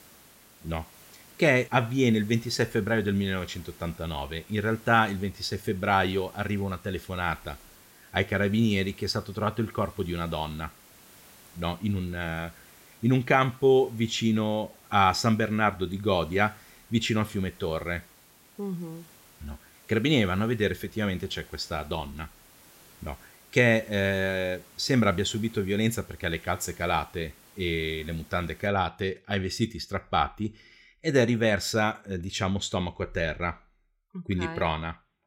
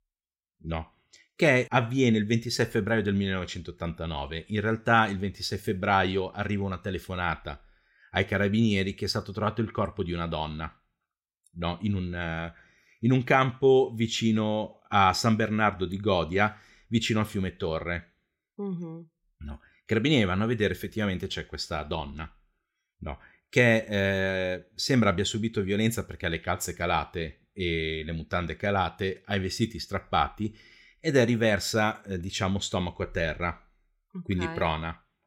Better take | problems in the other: second | hiss; faint; until 29 s; 25 dB below the speech

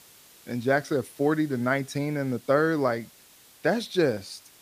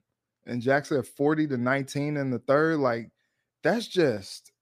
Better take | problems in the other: second | hiss; faint; throughout; 25 dB below the speech

